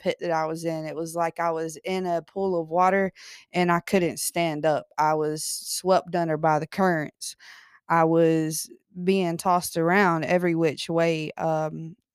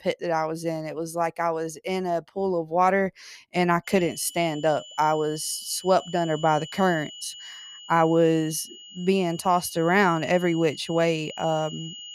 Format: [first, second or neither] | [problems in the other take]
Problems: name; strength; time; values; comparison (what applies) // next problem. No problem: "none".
first | high-pitched whine; noticeable; from 4 s on; 3 kHz, 15 dB below the speech